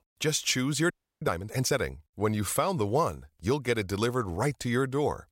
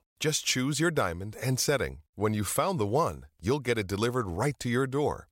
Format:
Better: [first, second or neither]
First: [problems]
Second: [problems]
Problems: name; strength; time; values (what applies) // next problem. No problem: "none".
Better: second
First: audio freezing; at 1 s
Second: none